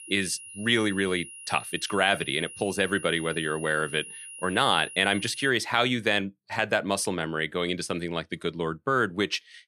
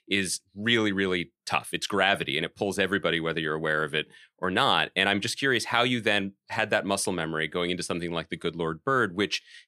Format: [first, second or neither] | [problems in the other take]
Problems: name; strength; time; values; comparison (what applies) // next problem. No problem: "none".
second | high-pitched whine; noticeable; until 5.5 s; 10.5 kHz, 15 dB below the speech